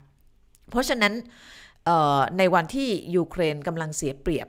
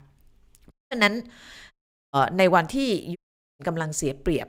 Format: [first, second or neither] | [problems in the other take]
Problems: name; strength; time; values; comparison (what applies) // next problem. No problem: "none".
first | audio cutting out; at 0.5 s, at 1.5 s and at 3 s